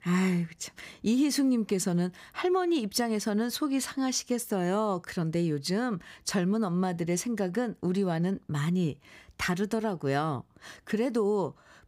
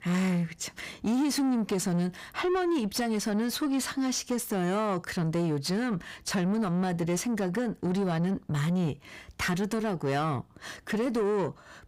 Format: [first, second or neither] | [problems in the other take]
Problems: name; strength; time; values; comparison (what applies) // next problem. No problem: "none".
first | distortion; slight; 10 dB below the speech